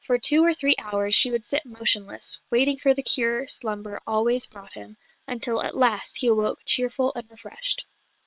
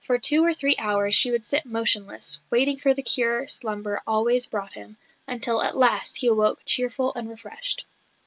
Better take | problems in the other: second | noise reduction (neural separator model SepFormer WHAM!)

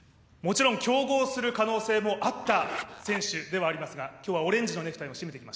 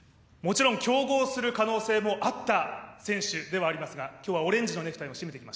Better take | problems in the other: second | background sound (Zipper (clothing)); 10 dB below the speech

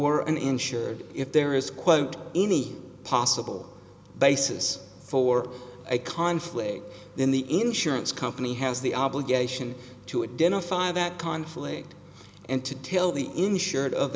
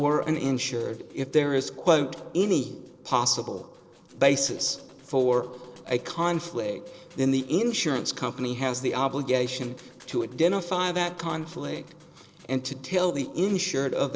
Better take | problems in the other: first | noise reduction (neural separator model SepFormer DNS4)

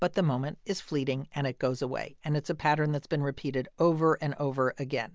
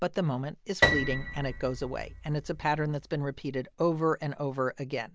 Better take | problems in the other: first | background sound (Piano); 2 dB below the speech

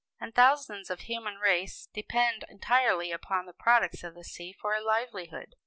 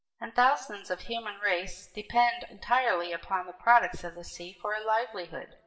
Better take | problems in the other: first | room echo; dies away in 1.4 s

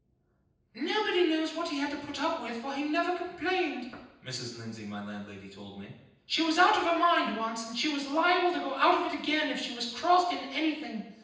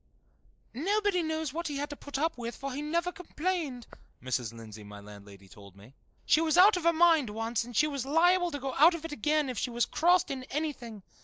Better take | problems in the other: second | room echo; dies away in 0.9 s

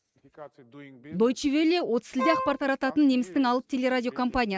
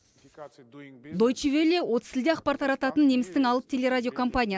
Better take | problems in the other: second | noise reduction (neural mask model RNNoise)

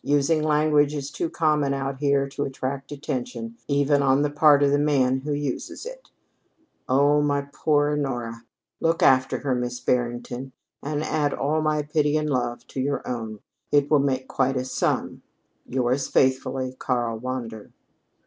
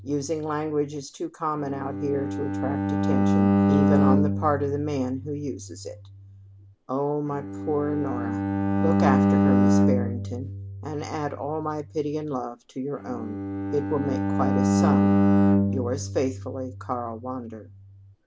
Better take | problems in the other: first | background sound (Bowed string instrument); 5 dB above the speech

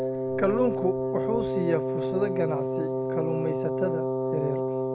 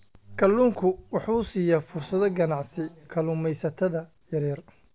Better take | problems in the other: second | background sound (Wind instrument, woodwind instrument); 2 dB above the speech

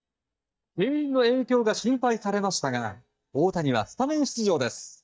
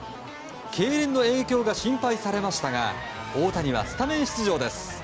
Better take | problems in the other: second | noise reduction (neural mask model DeepFilterNet 3)

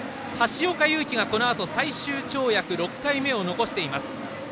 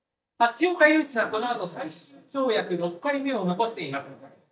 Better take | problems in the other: first | noise reduction (neural mask model DeepFilterNet 3)

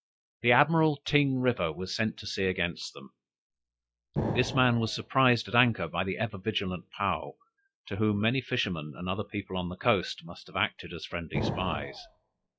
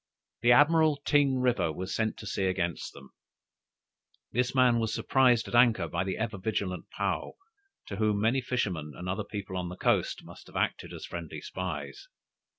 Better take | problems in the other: second | noise reduction (classical method log-MMSE)

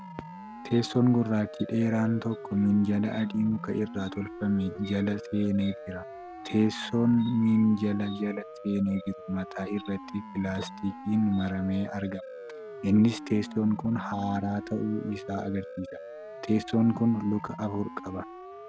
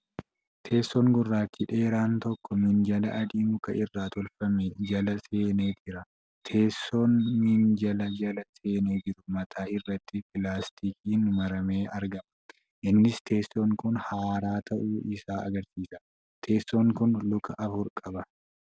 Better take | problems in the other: second | background sound (Siren); 14 dB below the speech

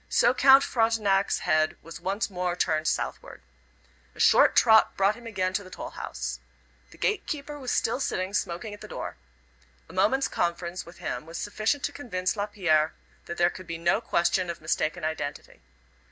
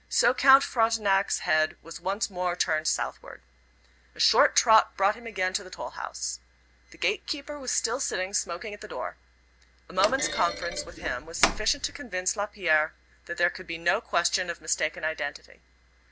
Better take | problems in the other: first | background sound (Thump, thud); 4 dB below the speech

